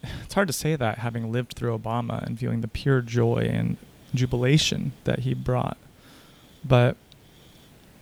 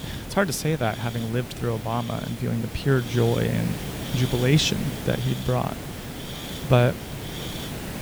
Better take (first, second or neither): first